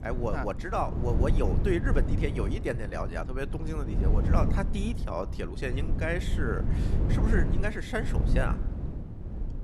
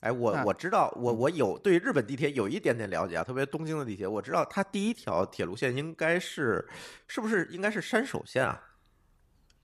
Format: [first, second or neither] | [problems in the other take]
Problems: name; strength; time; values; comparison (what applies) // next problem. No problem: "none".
second | wind noise on the microphone; heavy; 8 dB below the speech